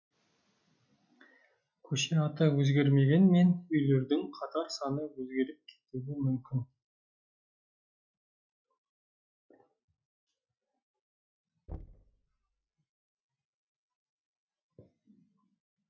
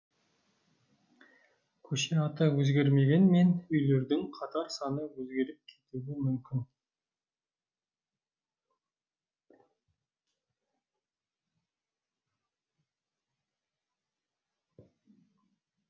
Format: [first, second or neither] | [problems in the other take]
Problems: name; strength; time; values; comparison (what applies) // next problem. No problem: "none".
second | noise reduction (classical method log-MMSE)